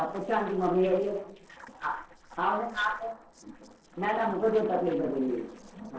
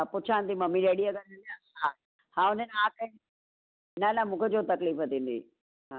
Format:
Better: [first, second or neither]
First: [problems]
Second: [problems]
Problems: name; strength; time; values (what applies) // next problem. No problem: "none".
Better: second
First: noise reduction (neural separator model SepFormer DNS4)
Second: none